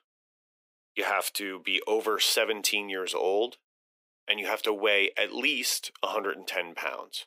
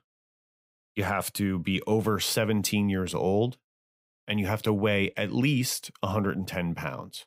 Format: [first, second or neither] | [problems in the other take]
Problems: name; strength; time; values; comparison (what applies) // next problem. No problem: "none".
second | thin; very; fading below 350 Hz